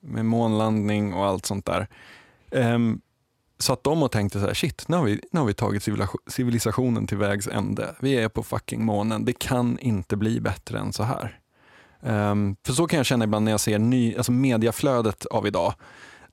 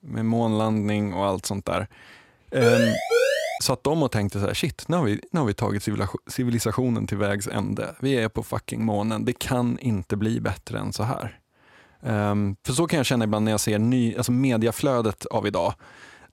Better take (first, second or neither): first